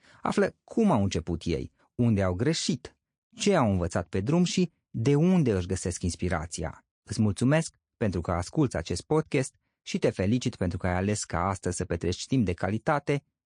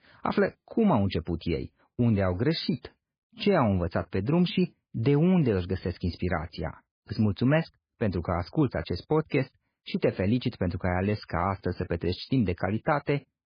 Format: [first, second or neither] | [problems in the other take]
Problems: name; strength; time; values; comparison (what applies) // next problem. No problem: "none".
first | garbled, watery; badly; nothing above 5 kHz; slightly in the first